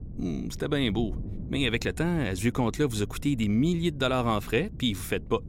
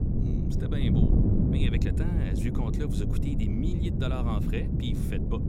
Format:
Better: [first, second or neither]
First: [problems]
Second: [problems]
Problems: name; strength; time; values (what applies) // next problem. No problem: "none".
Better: first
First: wind noise on the microphone; occasional gusts; 20 dB below the speech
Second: wind noise on the microphone; heavy; 2 dB above the speech